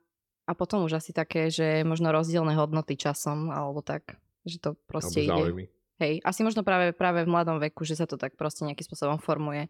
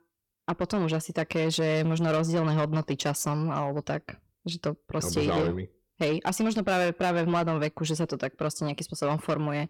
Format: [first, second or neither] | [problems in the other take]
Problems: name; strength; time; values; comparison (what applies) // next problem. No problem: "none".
first | distortion; slight; 10 dB below the speech